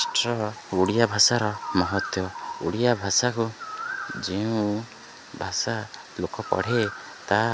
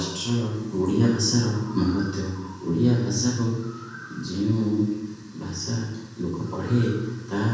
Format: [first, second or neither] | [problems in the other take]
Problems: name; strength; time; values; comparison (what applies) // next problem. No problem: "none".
first | room echo; dies away in 1.2 s